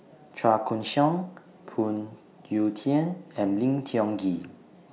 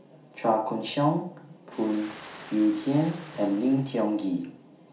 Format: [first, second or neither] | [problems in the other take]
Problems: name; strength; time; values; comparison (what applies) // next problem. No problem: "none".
first | background sound (Ocean); 19 dB below the speech // room echo; dies away in 0.4 s